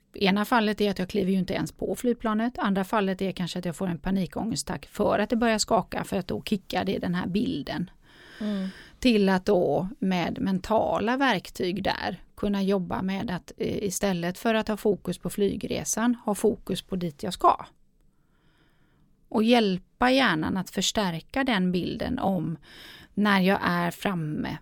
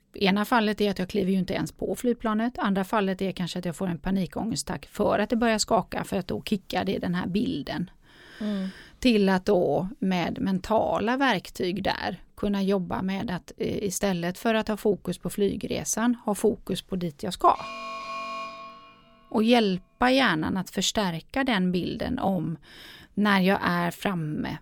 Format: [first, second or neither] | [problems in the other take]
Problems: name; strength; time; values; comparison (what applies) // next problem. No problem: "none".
first | alarm; noticeable; from 18 to 19 s; peak 7 dB below the speech